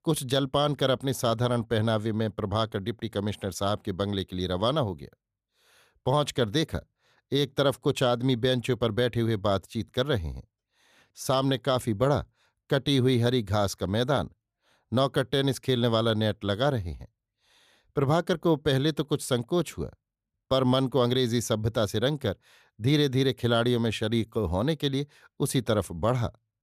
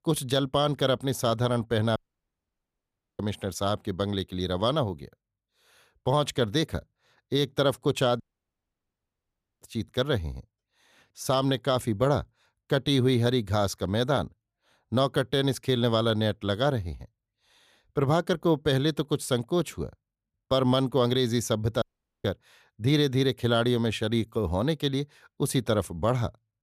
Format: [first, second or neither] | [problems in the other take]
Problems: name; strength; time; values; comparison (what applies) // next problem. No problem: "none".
first | audio cutting out; at 2 s for 1 s, at 8 s for 1.5 s and at 22 s